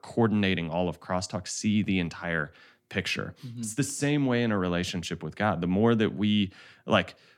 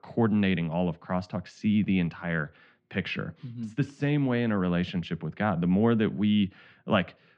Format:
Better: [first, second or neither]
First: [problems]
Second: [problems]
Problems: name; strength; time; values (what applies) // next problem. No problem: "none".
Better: first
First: none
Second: muffled; slightly; fading above 3 kHz